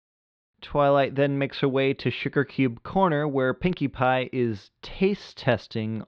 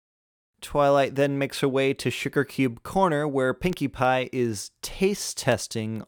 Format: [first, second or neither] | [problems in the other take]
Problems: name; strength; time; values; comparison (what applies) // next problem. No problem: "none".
second | muffled; slightly; fading above 4 kHz